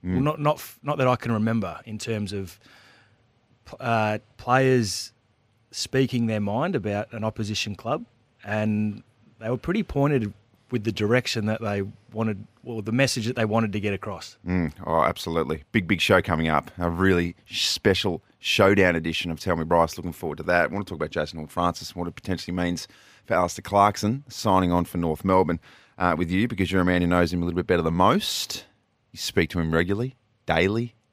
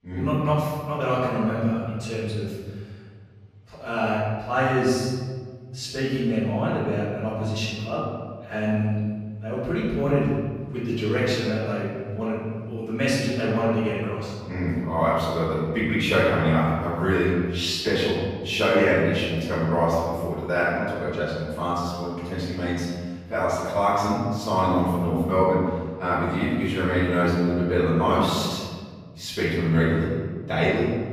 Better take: first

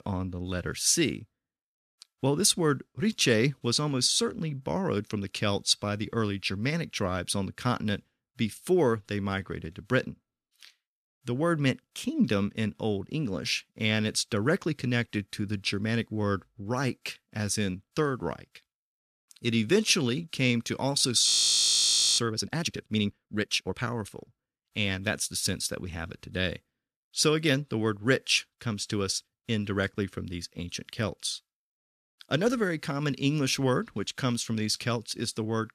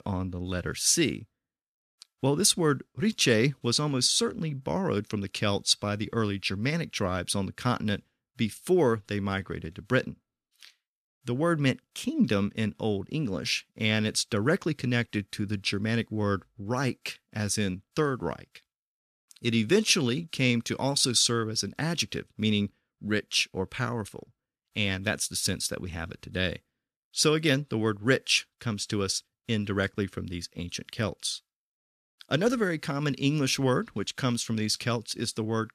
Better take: second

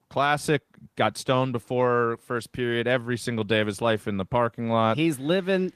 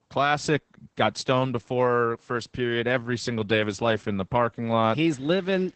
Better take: first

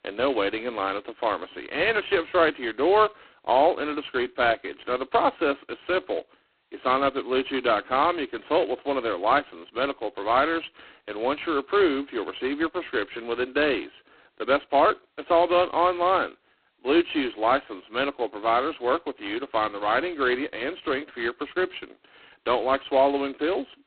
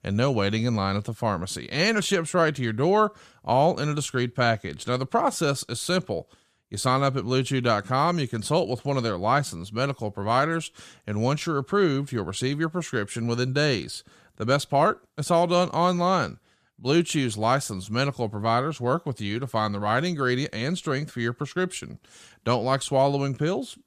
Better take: second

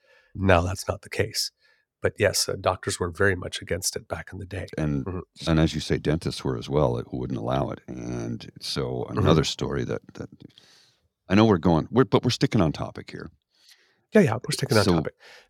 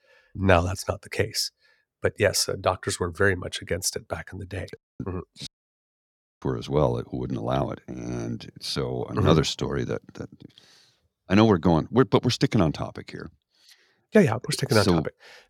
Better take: first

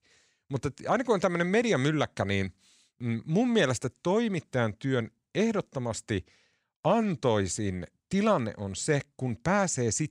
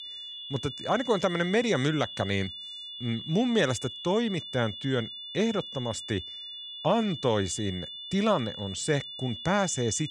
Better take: first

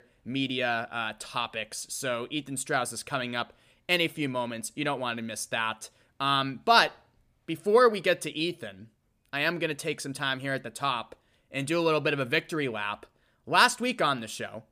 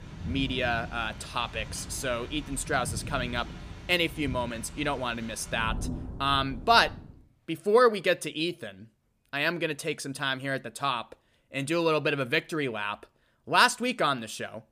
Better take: first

